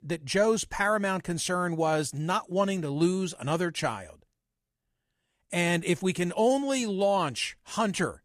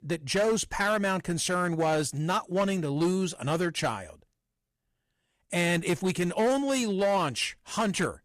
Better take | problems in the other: first | distortion; slight; 8% of the sound clipped

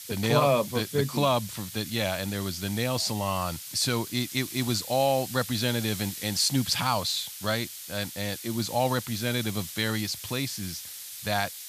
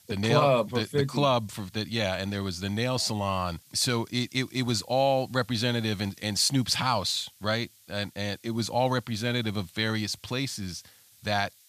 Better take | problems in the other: second | hiss; loud; throughout; 9 dB below the speech; faint in the second

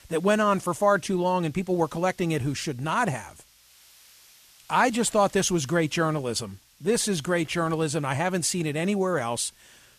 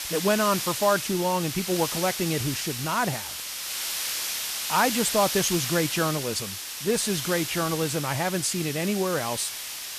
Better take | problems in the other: first | hiss; loud; throughout; 3 dB below the speech; faint in the first

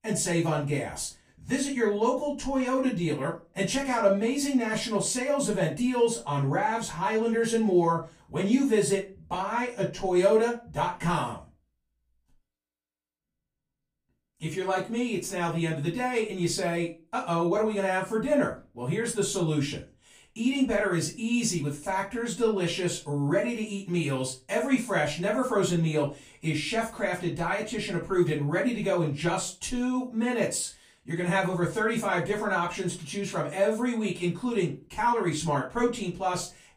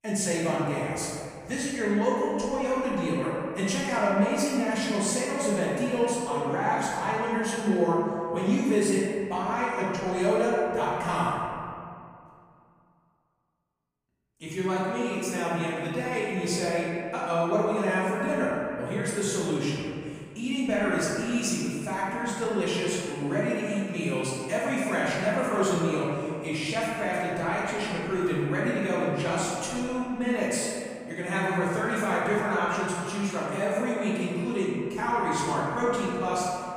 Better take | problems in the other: first | room echo; strong; dies away in 2.1 s; slight in the first // off-mic speech; far; far in the first

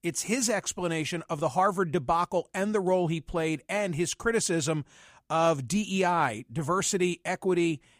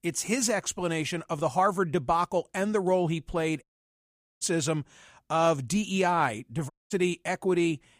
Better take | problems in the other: first | audio cutting out; at 3.5 s for 1 s and at 6.5 s

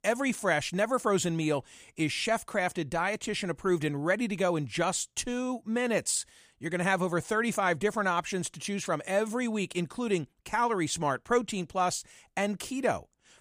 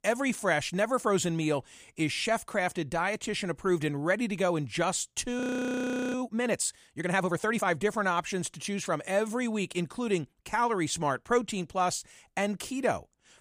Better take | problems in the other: first | audio freezing; at 5.5 s for 0.5 s

